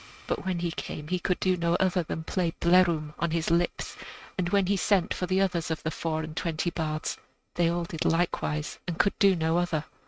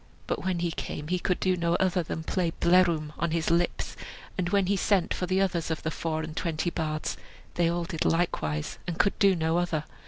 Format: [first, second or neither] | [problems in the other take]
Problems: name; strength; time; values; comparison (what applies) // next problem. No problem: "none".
second | noise reduction (neural mask model RNNoise)